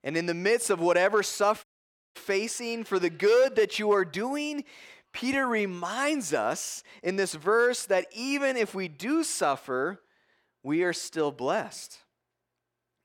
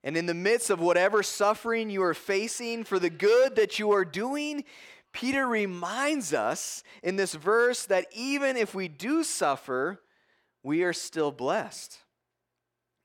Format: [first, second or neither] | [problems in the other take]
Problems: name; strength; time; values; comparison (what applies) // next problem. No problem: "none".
second | audio cutting out; at 1.5 s for 0.5 s